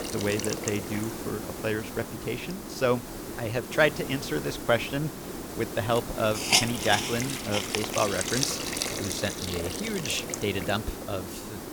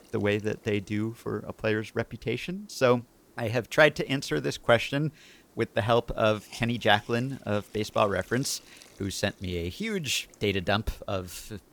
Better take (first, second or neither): second